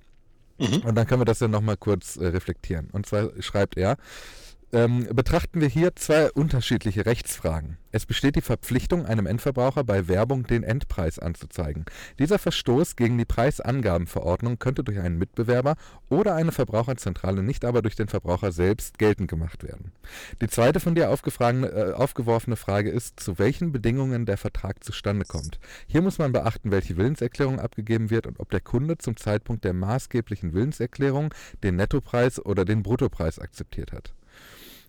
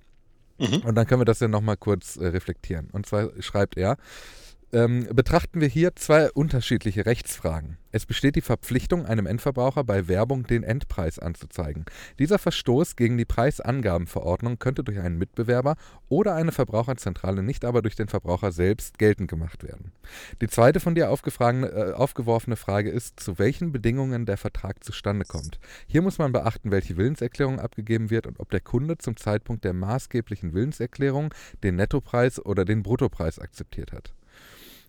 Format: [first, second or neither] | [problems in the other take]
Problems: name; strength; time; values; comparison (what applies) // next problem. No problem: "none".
second | distortion; slight; 4% of the sound clipped